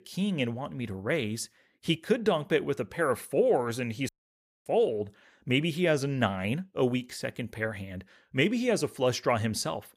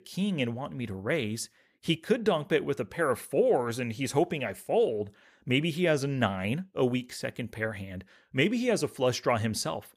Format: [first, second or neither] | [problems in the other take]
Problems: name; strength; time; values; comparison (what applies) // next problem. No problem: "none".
second | audio cutting out; at 4 s for 0.5 s